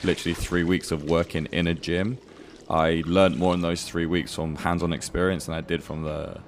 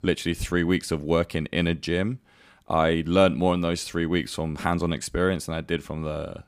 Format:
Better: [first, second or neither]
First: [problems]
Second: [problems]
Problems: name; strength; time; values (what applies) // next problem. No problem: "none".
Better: second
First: rain or running water; noticeable; throughout; 20 dB below the speech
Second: none